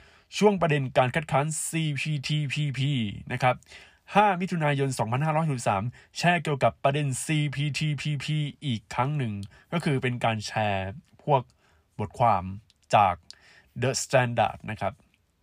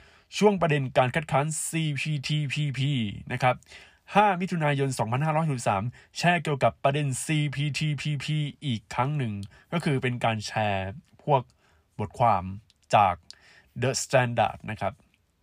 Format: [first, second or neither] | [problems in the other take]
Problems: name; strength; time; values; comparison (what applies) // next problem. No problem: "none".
neither | none